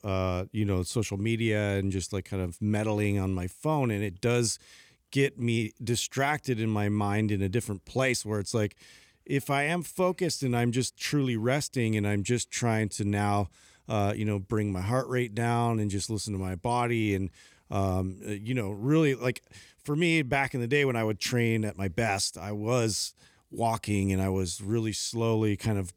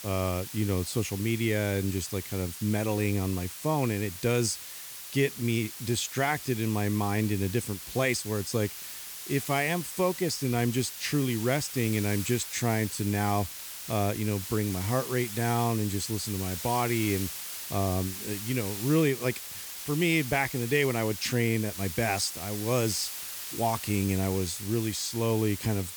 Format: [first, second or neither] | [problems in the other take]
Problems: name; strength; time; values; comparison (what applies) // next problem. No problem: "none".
first | hiss; loud; throughout; 8 dB below the speech